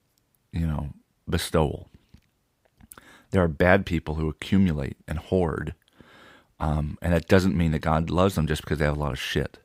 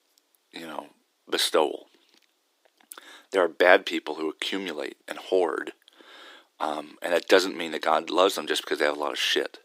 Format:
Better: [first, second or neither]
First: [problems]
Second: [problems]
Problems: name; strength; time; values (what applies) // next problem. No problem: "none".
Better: first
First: none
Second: thin; very; fading below 300 Hz